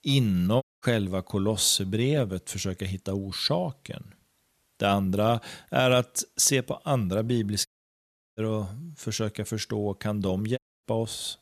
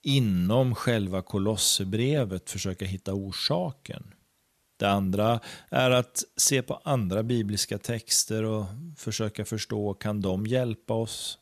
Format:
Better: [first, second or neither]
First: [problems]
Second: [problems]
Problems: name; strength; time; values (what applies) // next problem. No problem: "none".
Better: second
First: audio cutting out; at 0.5 s, at 7.5 s for 0.5 s and at 11 s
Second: none